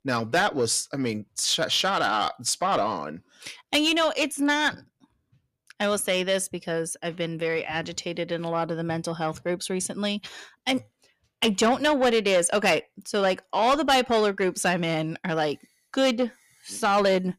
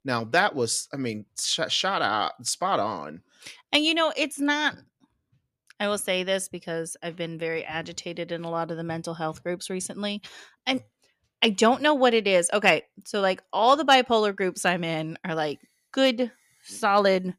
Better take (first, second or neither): second